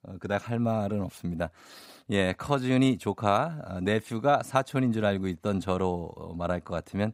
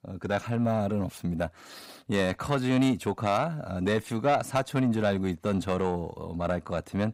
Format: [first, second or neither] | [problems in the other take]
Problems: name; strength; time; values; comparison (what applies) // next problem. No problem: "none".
first | distortion; slight; 10 dB below the speech